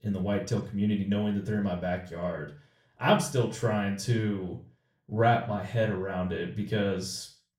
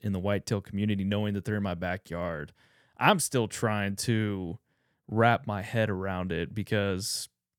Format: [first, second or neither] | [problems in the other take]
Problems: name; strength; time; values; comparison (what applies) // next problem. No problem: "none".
second | room echo; slight; dies away in 0.4 s // off-mic speech; far